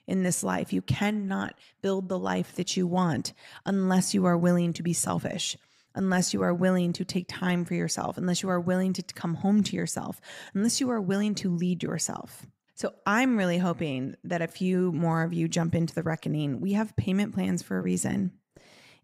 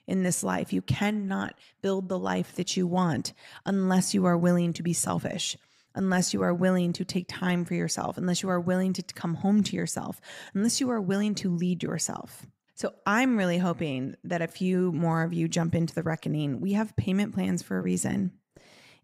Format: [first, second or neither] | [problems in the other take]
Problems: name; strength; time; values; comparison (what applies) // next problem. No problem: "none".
neither | none